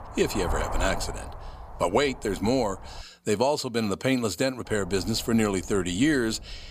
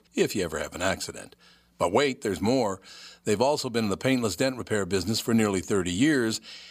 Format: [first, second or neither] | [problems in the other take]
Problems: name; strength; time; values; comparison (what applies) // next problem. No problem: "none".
second | wind noise on the microphone; occasional gusts; until 3 s and from 4.5 s on; 10 dB below the speech